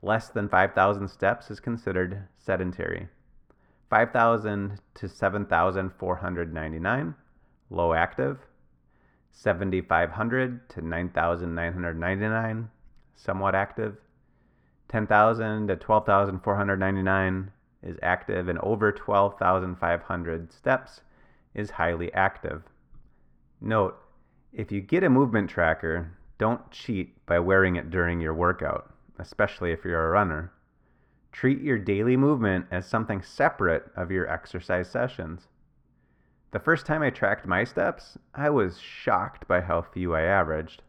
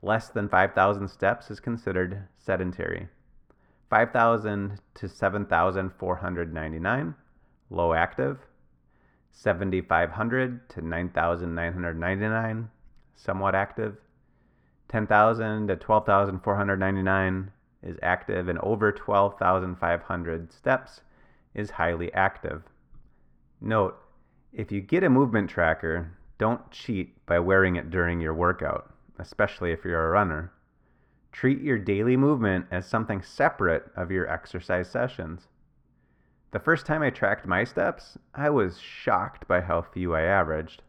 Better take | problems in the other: neither | muffled; very; fading above 3 kHz; the same in both

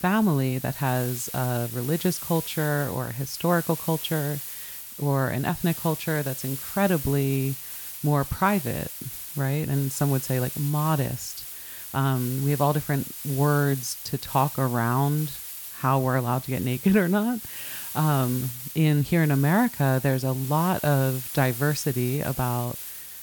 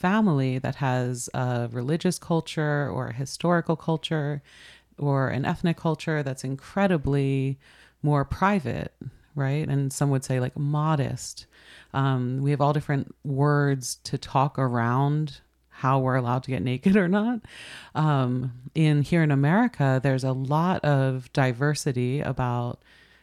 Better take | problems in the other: second | hiss; loud; throughout; 9 dB below the speech

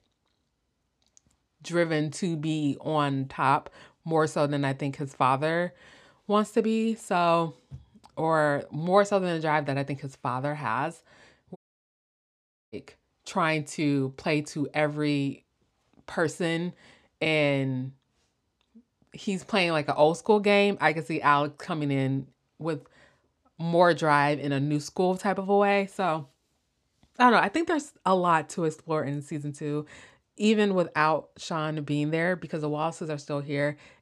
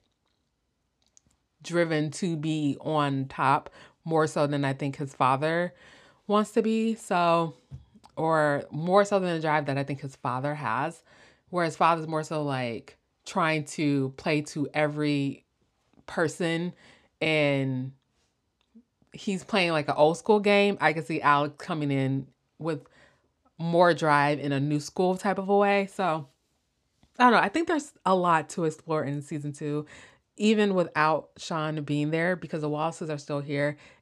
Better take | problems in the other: second | audio cutting out; at 12 s for 1 s

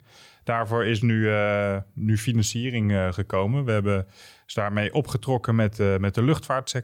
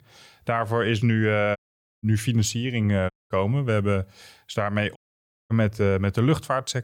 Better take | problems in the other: first | audio cutting out; at 1.5 s, at 3 s and at 5 s for 0.5 s

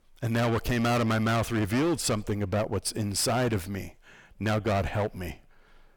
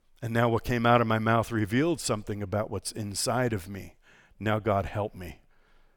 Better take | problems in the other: second | distortion; heavy; 18% of the sound clipped

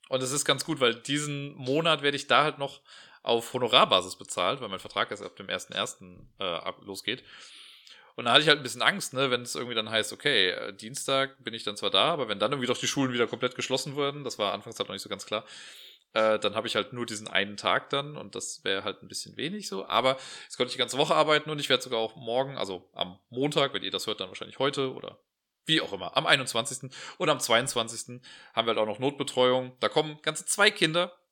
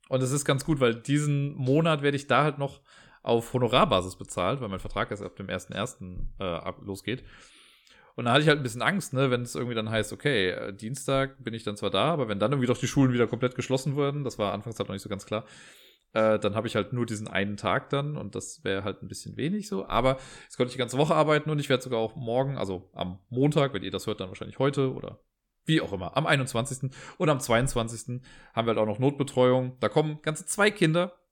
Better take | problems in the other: second | thin; very slightly; fading below 1 kHz

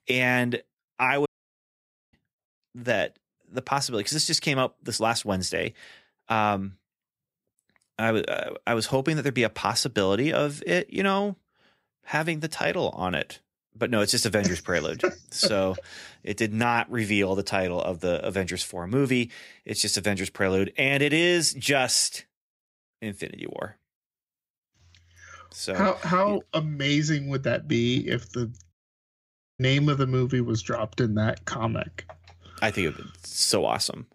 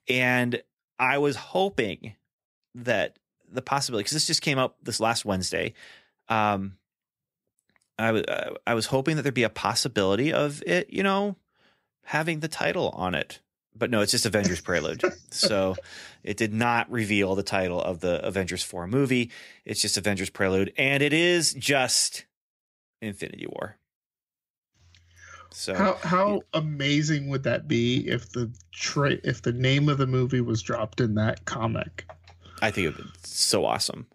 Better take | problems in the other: second | audio cutting out; at 1.5 s for 1 s and at 29 s for 1 s

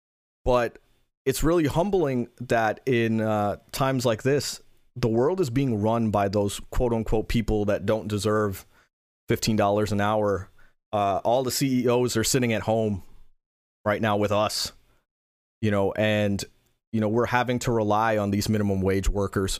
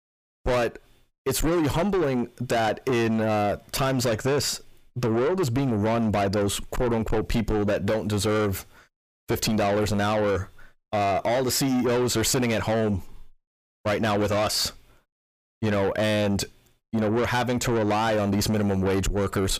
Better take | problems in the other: first | distortion; heavy; 8 dB below the speech

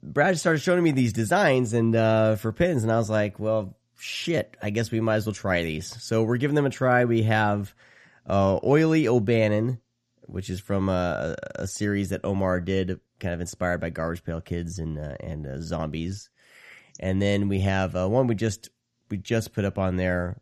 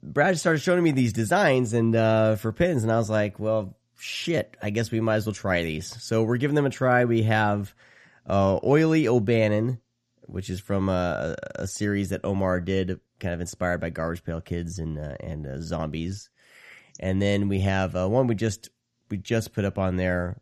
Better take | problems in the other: neither | none

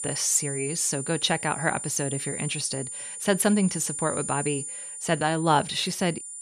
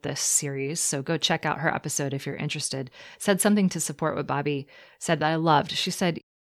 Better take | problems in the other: second | high-pitched whine; loud; throughout; 9.5 kHz, 6 dB below the speech

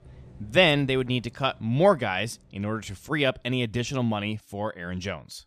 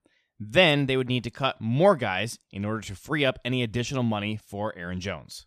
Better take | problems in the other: second | traffic noise; faint; throughout; 25 dB below the speech

